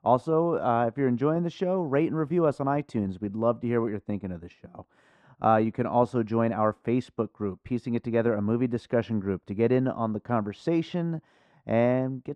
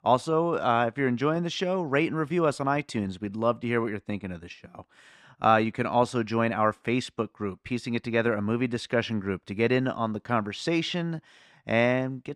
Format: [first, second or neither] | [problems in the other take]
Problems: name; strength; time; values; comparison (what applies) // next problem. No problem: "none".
second | muffled; slightly; fading above 1.5 kHz